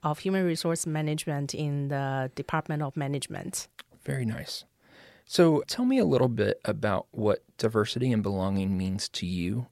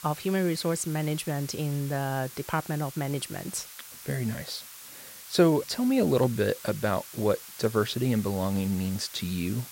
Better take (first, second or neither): first